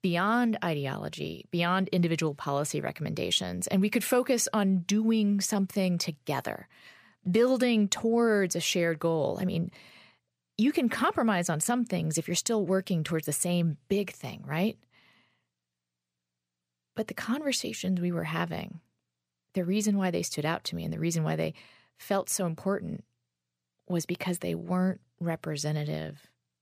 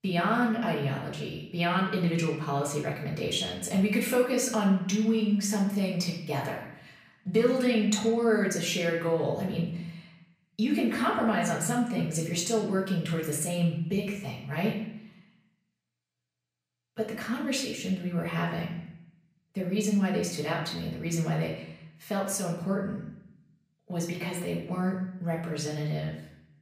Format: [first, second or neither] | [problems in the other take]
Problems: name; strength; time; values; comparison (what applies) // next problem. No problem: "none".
first | off-mic speech; far // room echo; noticeable; dies away in 0.7 s